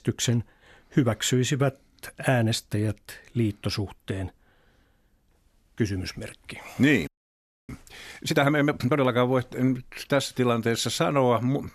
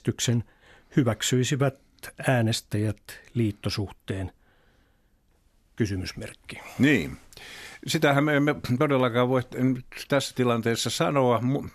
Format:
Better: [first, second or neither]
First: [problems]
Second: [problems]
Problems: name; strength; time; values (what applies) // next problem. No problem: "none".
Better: second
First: audio freezing; at 7 s for 0.5 s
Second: none